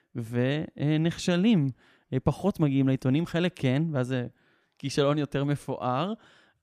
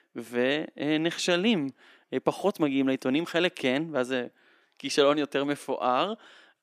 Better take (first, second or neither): first